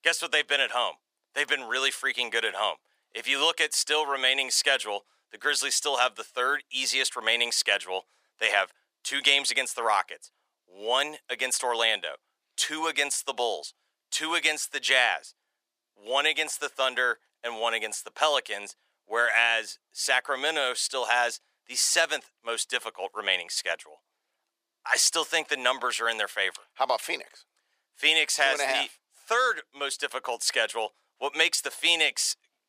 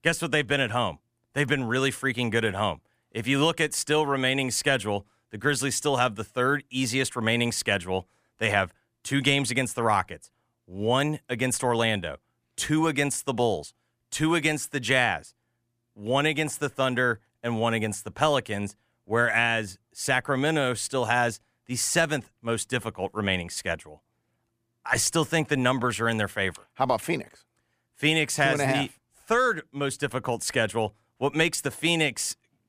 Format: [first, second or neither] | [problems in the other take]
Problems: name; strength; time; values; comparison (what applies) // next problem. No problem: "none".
second | thin; very; fading below 500 Hz